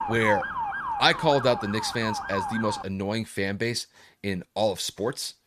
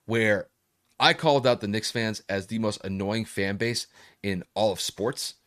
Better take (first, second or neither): second